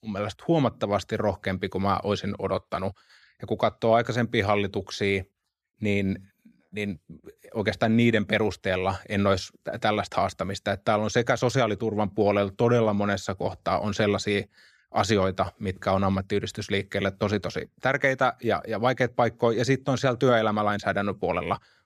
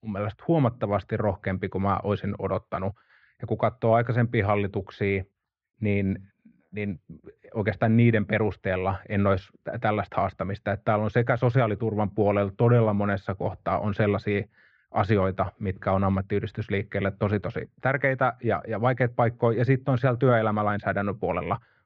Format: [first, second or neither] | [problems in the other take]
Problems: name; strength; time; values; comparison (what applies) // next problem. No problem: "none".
first | muffled; very; fading above 2.5 kHz